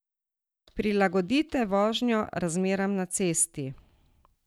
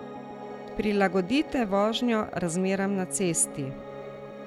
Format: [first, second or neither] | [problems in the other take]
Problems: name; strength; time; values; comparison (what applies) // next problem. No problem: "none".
first | background sound (Piano); 12 dB below the speech